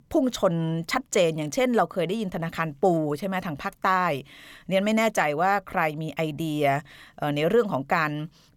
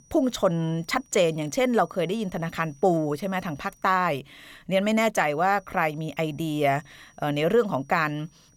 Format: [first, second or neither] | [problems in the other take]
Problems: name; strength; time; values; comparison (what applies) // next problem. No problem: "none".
first | high-pitched whine; faint; until 4 s and from 5 s on; 6 kHz, 30 dB below the speech